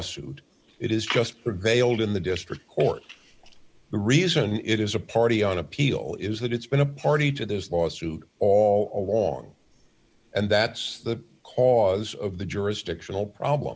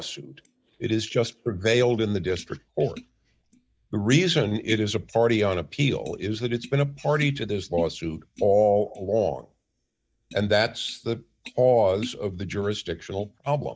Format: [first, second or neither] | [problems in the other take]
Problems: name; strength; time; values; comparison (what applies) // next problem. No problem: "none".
first | noise reduction (neural mask model DeepFilterNet 3)